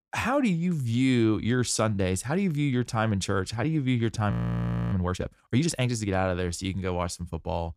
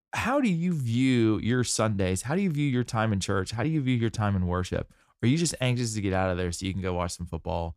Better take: second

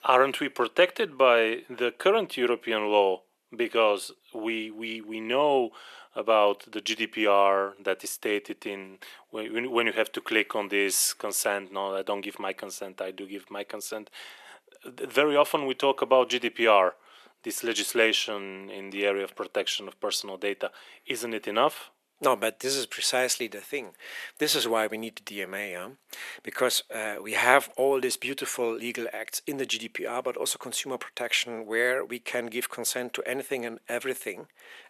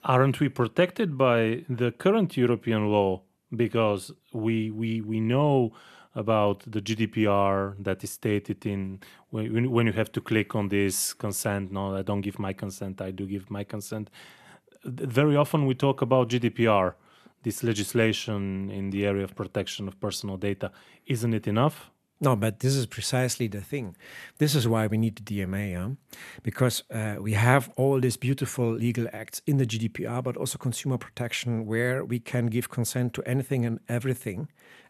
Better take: second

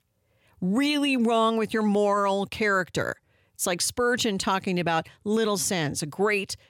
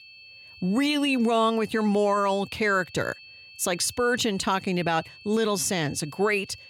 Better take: first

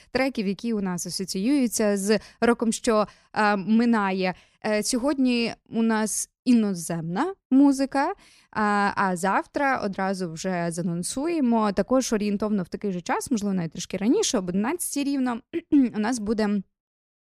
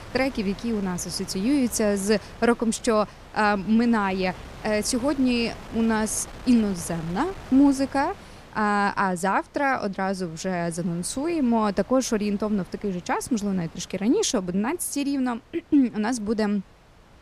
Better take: first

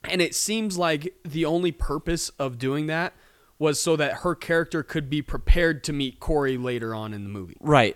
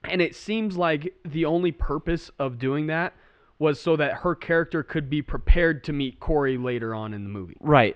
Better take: first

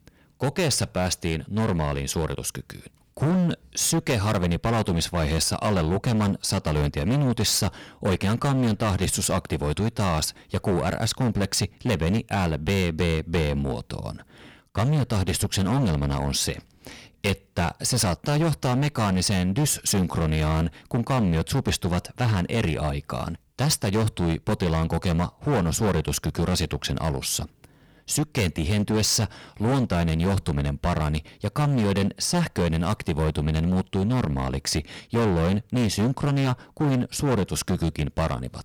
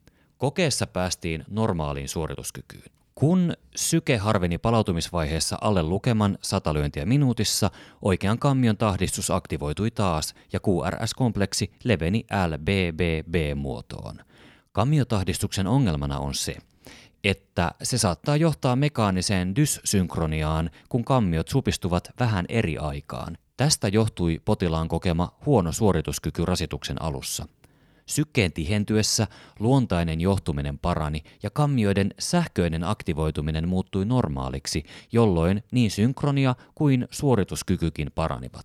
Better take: second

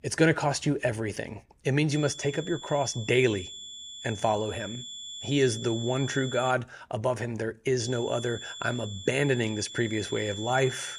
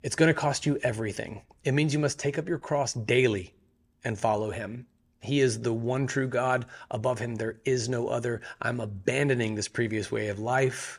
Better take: second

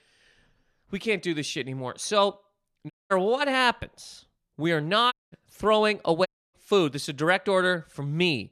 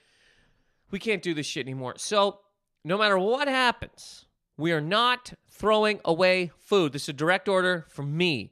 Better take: second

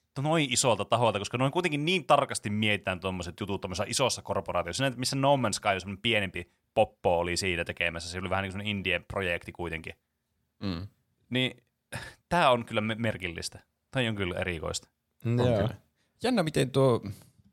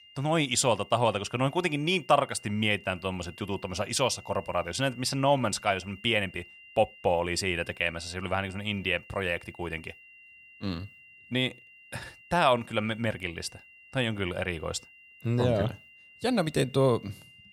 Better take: first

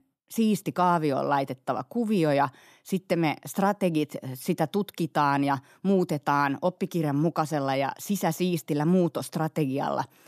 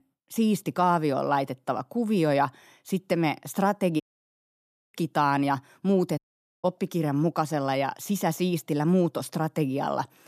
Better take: first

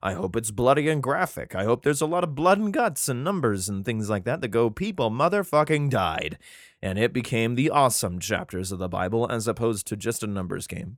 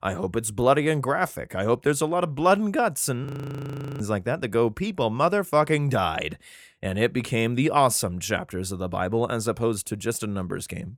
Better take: first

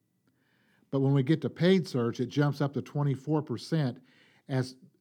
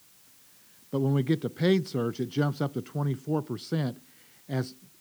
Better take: first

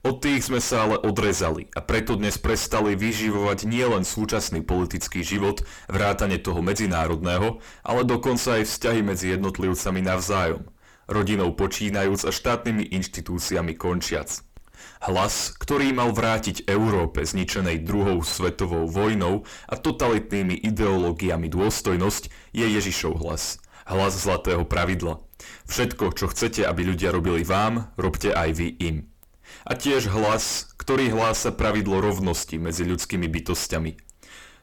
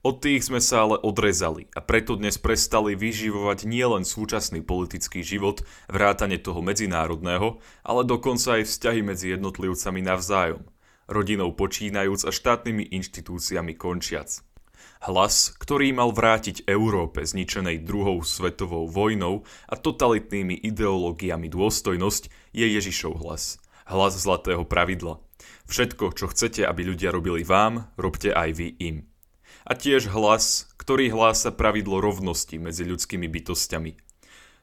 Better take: second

